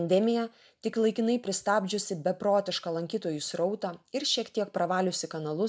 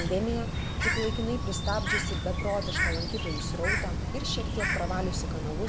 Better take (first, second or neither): first